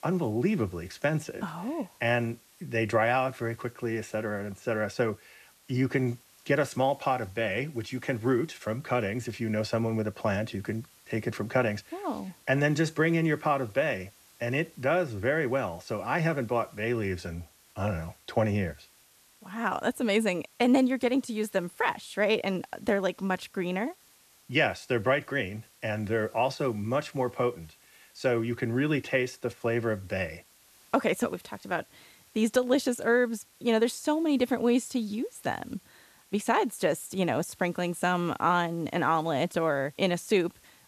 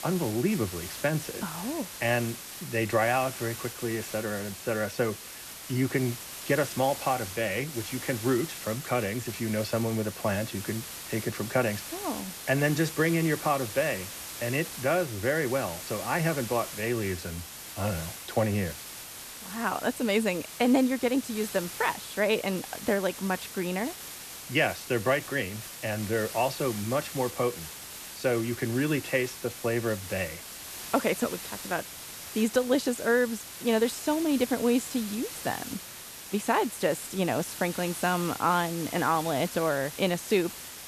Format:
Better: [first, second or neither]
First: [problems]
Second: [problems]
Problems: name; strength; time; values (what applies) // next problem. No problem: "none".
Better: first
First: hiss; faint; throughout; 25 dB below the speech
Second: hiss; loud; throughout; 9 dB below the speech